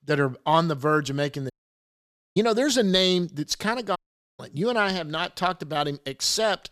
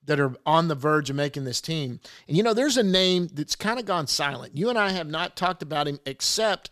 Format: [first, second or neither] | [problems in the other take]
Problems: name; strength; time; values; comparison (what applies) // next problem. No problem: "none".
second | audio cutting out; at 1.5 s for 1 s and at 4 s